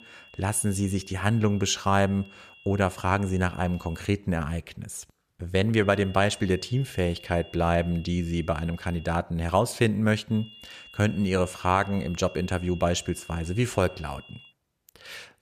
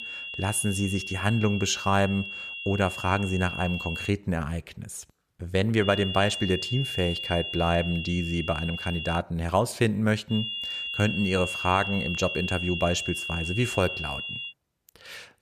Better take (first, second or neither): first